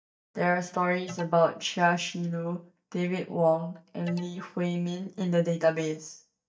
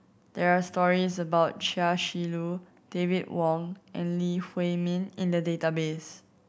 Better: second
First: noise reduction (neural mask model DeepFilterNet 3)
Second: none

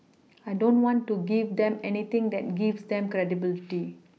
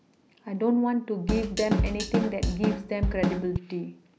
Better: first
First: none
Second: background sound (Drum kit); 1 dB above the speech

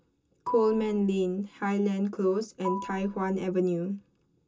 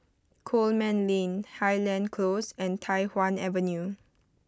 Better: second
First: background sound (Marimba, xylophone); 12 dB below the speech // room echo; dies away in 0.2 s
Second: none

